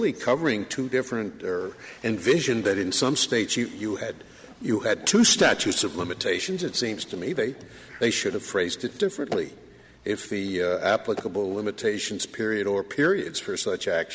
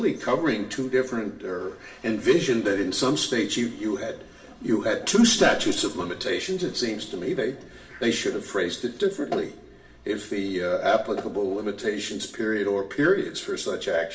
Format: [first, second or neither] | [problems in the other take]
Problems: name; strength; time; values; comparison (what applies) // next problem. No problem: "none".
first | room echo; dies away in 0.4 s